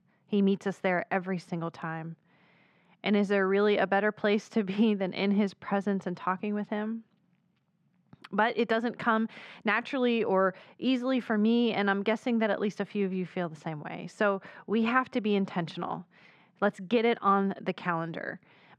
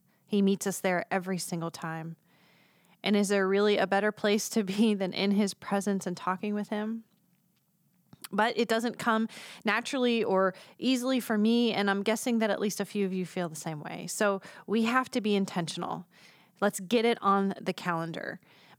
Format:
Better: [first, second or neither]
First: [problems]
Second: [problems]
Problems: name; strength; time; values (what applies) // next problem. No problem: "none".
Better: second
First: muffled; slightly; fading above 2.5 kHz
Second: none